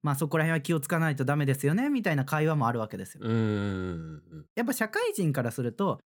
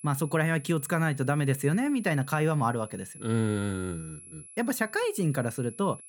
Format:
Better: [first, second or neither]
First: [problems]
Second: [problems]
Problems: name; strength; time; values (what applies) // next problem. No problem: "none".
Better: first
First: none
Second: high-pitched whine; noticeable; throughout; 11 kHz, 20 dB below the speech